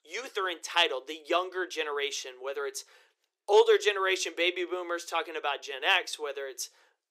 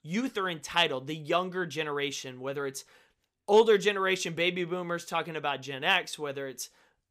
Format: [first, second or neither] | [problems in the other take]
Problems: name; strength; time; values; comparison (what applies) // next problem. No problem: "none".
second | thin; very; fading below 350 Hz